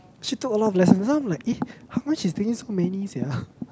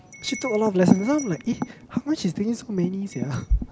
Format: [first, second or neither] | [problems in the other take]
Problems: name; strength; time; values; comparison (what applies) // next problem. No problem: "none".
first | background sound (Wind chime); 9 dB below the speech